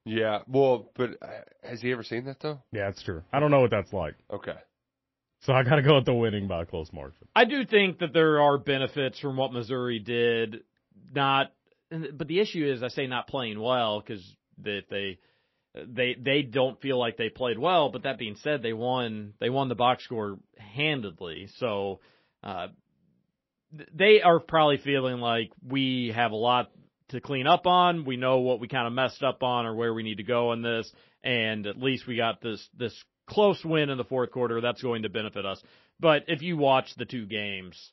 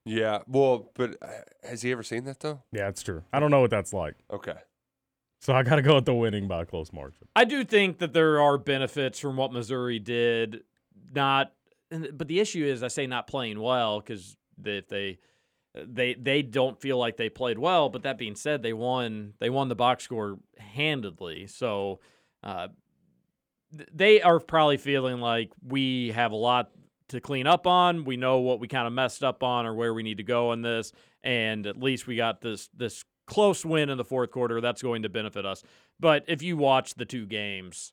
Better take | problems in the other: second | garbled, watery; slightly; nothing above 5.5 kHz

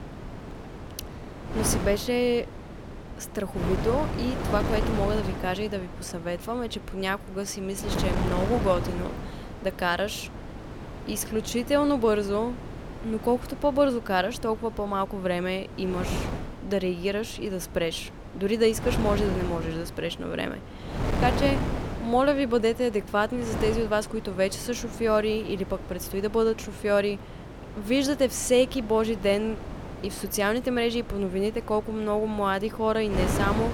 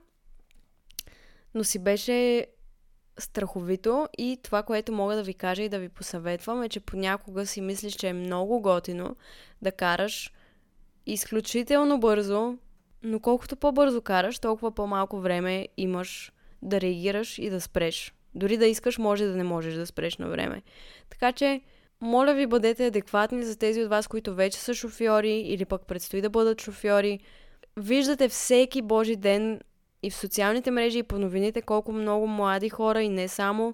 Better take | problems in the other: second | wind noise on the microphone; occasional gusts; 10 dB below the speech

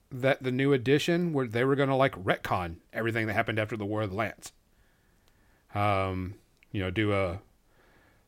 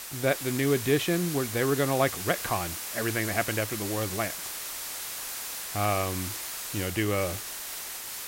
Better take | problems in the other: first | hiss; loud; throughout; 5 dB below the speech

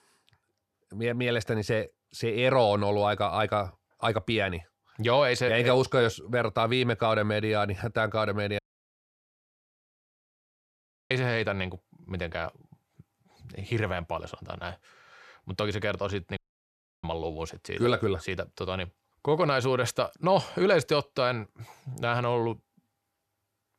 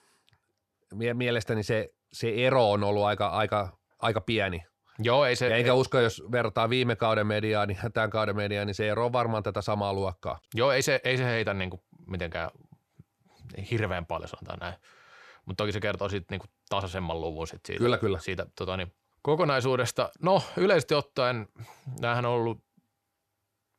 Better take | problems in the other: second | audio cutting out; at 8.5 s for 2.5 s and at 16 s for 0.5 s

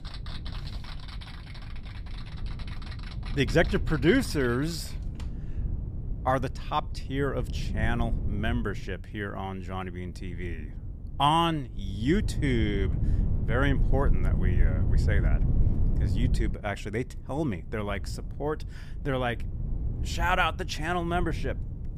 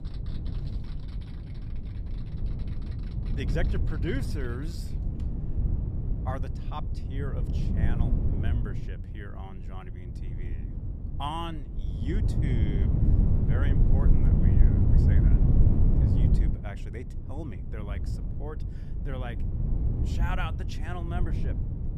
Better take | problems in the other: first | wind noise on the microphone; heavy; 1 dB below the speech; occasional gusts in the first

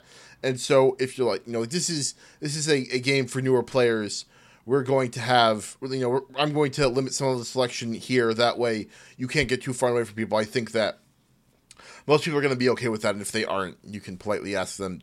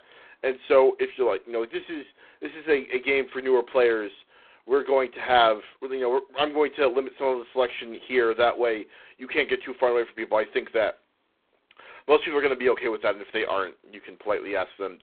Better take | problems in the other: first | phone-call audio; poor line

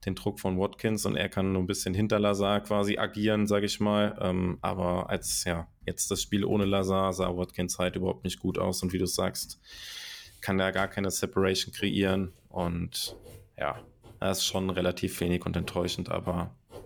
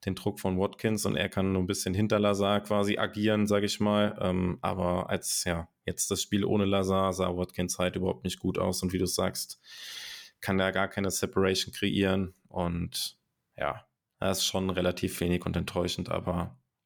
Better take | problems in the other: second | household noises; faint; throughout; 25 dB below the speech

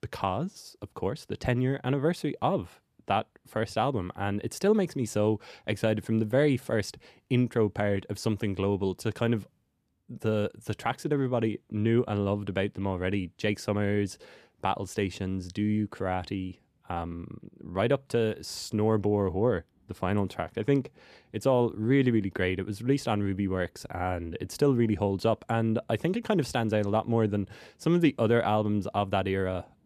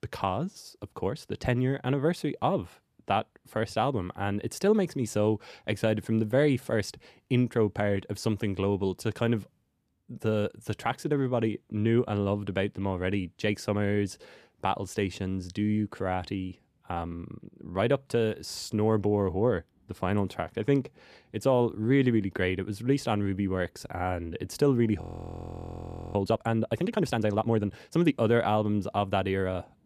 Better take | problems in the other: first | audio freezing; at 25 s for 1 s

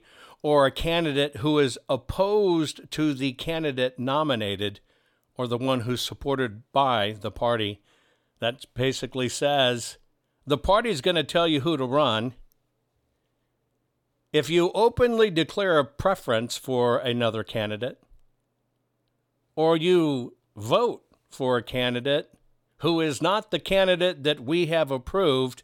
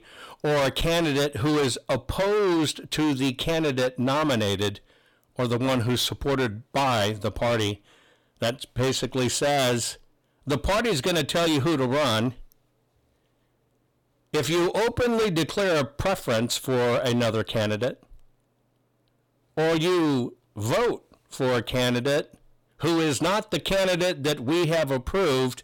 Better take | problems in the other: first | distortion; heavy; 22% of the sound clipped

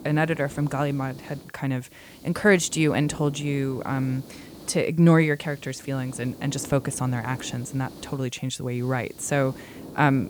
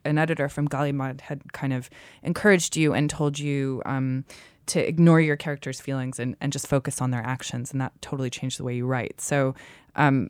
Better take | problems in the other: second | hiss; noticeable; throughout; 20 dB below the speech

